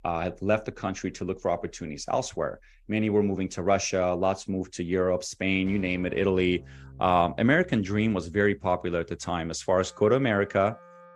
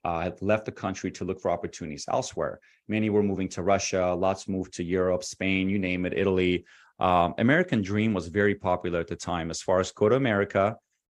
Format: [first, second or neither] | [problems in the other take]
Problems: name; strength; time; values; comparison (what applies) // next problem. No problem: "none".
second | background music; faint; throughout; 25 dB below the speech